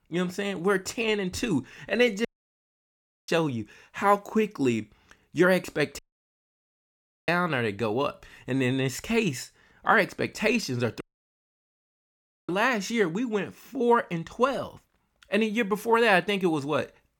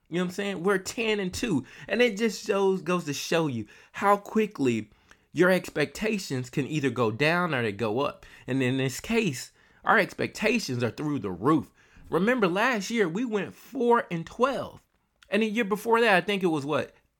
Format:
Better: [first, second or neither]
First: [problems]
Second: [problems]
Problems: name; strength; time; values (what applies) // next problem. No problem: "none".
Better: second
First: audio cutting out; at 2.5 s for 1 s, at 6 s for 1.5 s and at 11 s for 1.5 s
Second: none